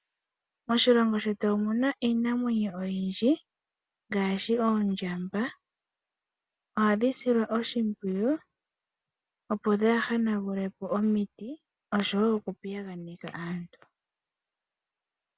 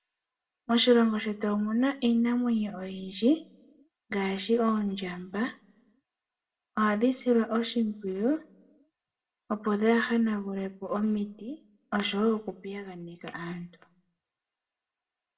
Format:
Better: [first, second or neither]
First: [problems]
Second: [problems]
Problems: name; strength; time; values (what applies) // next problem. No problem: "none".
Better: first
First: none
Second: room echo; dies away in 0.4 s